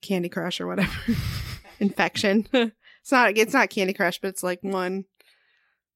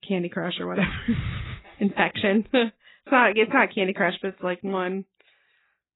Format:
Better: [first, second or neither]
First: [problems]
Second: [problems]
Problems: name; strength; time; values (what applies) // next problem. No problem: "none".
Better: first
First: none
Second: garbled, watery; badly; nothing above 4 kHz